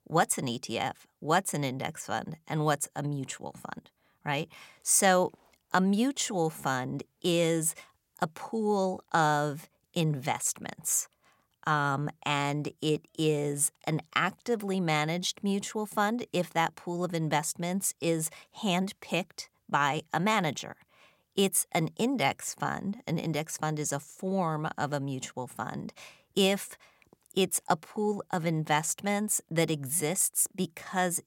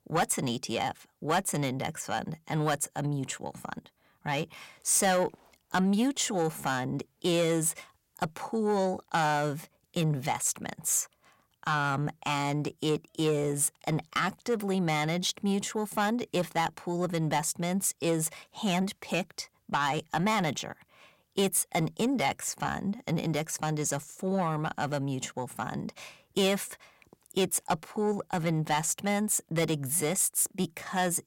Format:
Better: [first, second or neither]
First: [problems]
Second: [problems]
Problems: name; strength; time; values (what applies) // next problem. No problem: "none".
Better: first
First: none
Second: distortion; slight; 10 dB below the speech